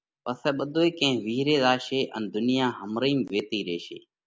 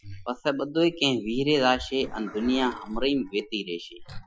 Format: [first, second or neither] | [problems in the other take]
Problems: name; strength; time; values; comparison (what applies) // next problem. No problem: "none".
first | noise reduction (classical method Wiener filter)